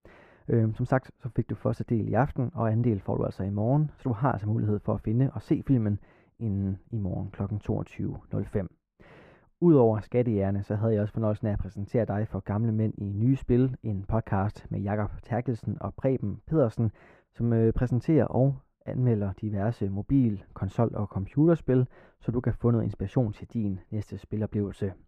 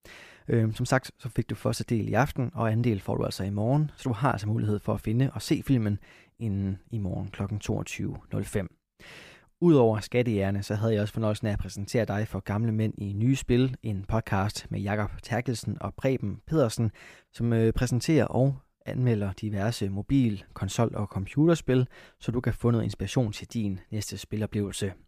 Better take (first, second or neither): second